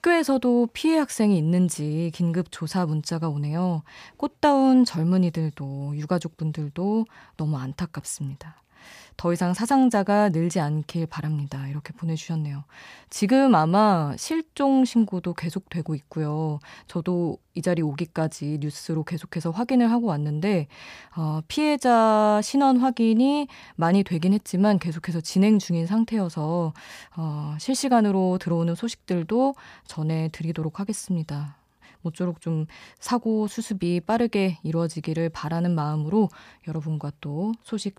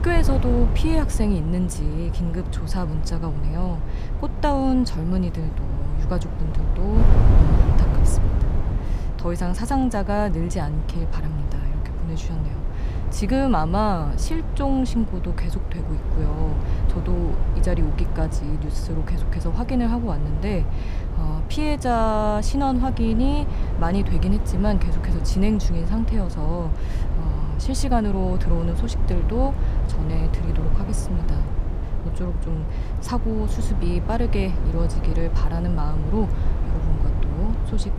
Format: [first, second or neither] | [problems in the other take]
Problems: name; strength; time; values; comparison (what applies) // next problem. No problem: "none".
first | wind noise on the microphone; heavy; 8 dB below the speech